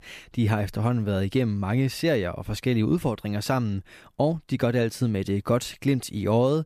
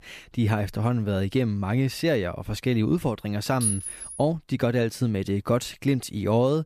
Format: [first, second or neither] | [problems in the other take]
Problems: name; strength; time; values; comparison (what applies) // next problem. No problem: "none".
first | clattering dishes; noticeable; at 3.5 s; peak level with the speech